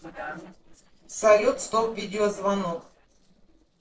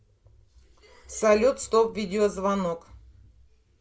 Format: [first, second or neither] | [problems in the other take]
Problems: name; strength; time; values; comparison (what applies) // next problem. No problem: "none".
second | noise reduction (neural separator model SepFormer DNS4)